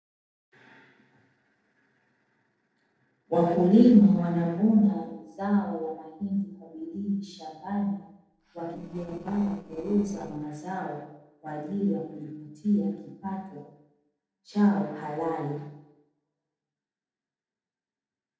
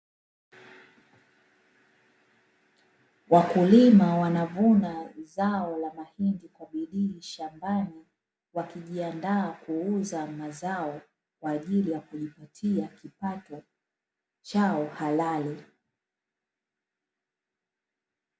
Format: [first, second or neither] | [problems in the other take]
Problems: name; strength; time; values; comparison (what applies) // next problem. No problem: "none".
second | noise reduction (neural separator model SepFormer DNS4)